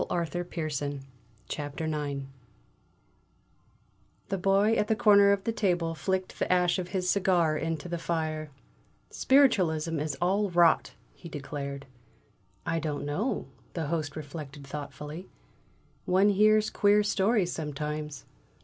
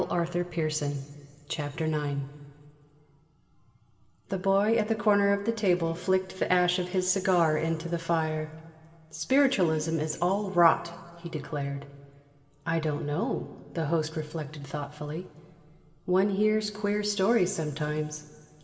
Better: first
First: none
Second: room echo; dies away in 1.9 s

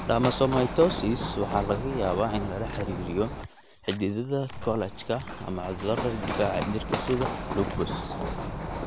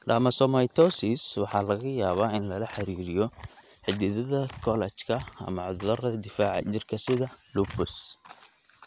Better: second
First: background sound (Run); 5 dB below the speech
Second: none

